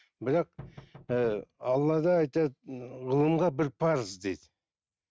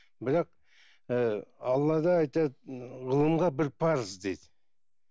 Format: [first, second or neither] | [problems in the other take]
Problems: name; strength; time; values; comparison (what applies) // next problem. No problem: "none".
second | noise reduction (neural mask model RNNoise)